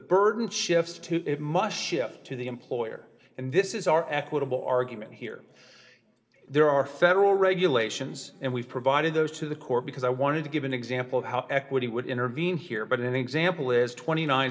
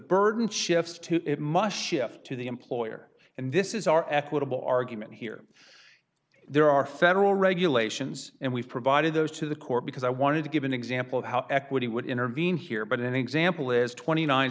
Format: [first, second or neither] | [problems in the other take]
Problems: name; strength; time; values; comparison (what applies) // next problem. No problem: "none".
second | room echo; dies away in 1.7 s